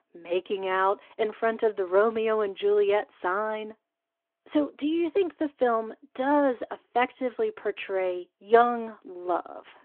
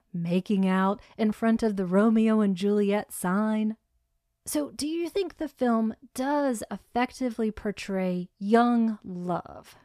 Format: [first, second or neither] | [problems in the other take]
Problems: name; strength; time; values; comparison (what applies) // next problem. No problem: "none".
second | phone-call audio